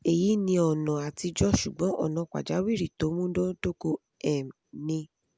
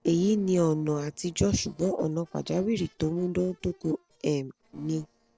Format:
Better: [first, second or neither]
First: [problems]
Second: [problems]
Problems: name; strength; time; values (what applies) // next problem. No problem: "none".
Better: first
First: none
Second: noise reduction (neural separator model SepFormer DNS4)